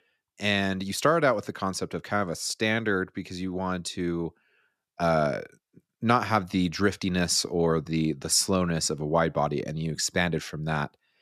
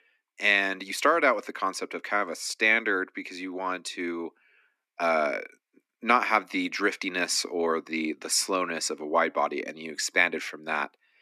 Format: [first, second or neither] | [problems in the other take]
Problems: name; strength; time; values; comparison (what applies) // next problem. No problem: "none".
first | thin; somewhat; fading below 250 Hz